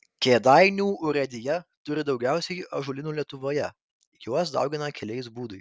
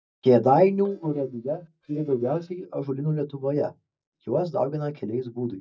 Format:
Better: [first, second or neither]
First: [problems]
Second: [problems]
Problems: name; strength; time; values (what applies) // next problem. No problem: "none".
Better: first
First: none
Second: noise reduction (neural mask model DeepFilterNet 3)